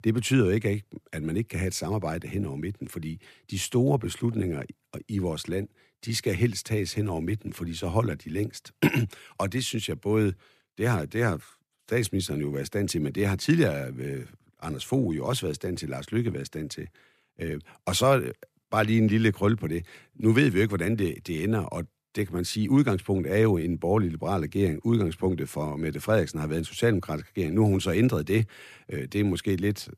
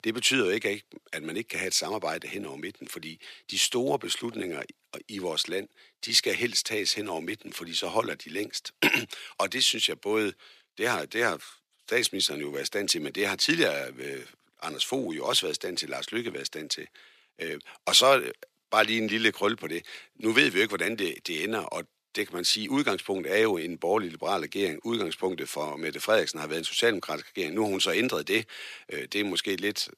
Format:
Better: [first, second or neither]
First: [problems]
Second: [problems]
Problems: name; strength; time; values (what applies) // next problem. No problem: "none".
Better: first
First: none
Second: thin; somewhat; fading below 400 Hz